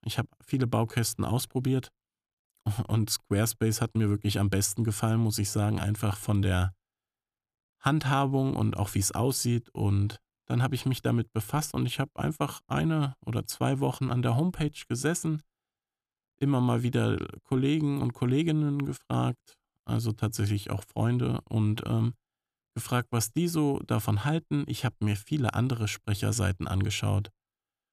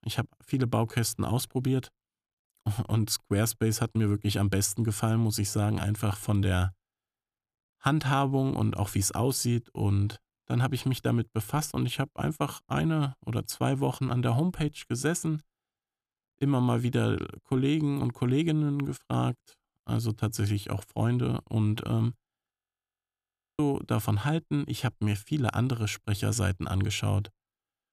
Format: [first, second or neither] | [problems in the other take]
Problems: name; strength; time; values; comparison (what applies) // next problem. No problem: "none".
first | audio freezing; at 23 s for 1 s